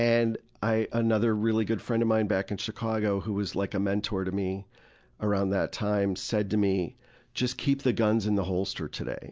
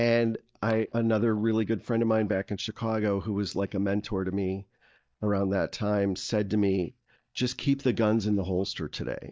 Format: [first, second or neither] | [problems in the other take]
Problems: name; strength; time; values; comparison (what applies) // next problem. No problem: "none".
first | noise reduction (neural mask model DeepFilterNet 3)